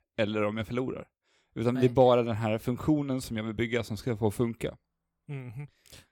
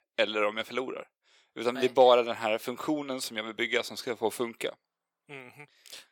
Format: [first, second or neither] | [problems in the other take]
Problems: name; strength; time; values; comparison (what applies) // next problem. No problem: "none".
first | thin; somewhat; fading below 450 Hz